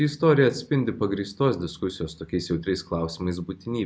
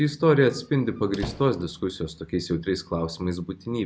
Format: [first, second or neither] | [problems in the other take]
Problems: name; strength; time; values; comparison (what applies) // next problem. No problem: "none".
first | background sound (Squeak); 17 dB below the speech